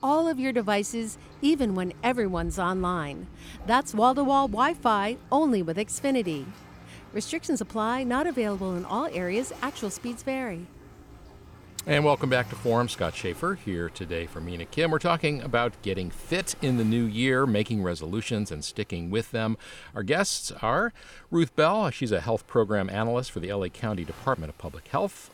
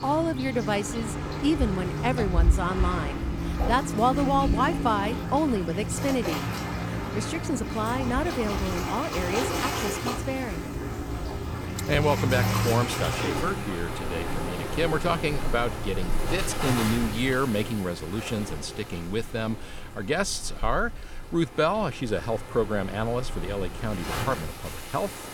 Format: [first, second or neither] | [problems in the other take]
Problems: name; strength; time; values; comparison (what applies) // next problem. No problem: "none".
first | rain or running water; loud; throughout; 2 dB below the speech; faint in the first